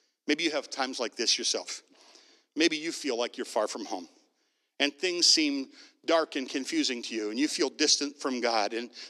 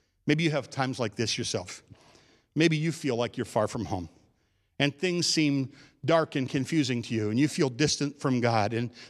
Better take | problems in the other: second | thin; very slightly; fading below 250 Hz

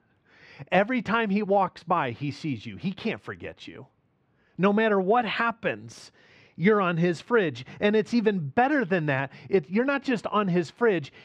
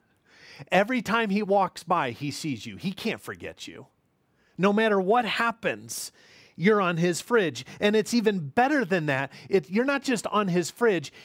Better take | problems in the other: second | muffled; slightly; fading above 3.5 kHz

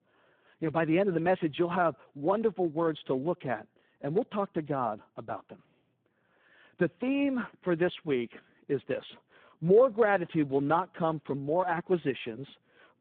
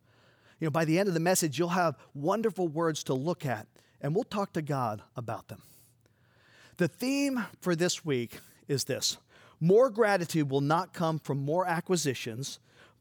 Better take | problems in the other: second | phone-call audio; poor line

